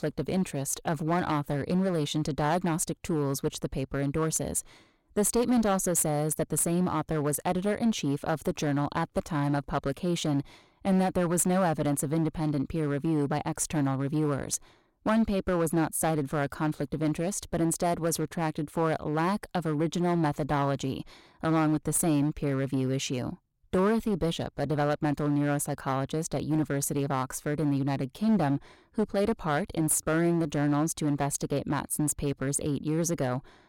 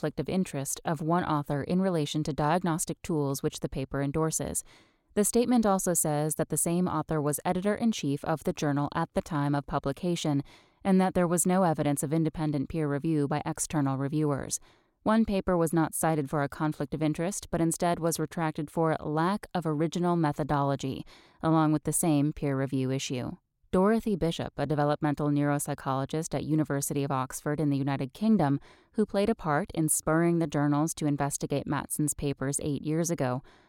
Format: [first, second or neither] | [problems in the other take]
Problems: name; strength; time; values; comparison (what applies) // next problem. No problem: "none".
second | distortion; slight; 6% of the sound clipped